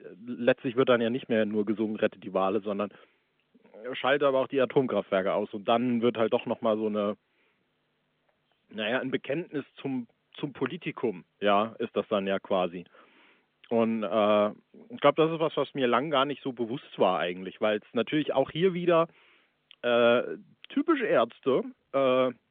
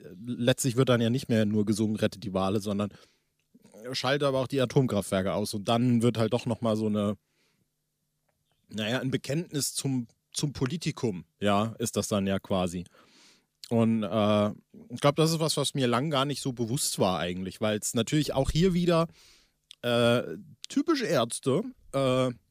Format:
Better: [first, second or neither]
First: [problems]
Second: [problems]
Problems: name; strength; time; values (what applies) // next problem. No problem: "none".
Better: second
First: phone-call audio; nothing above 3.5 kHz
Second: none